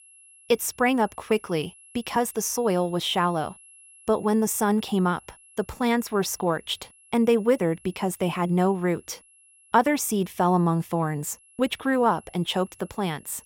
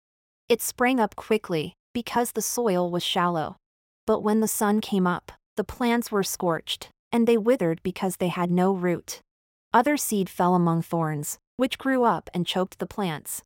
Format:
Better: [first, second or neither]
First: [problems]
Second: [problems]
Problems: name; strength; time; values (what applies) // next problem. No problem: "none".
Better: second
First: high-pitched whine; faint; throughout; 11 kHz, 25 dB below the speech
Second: none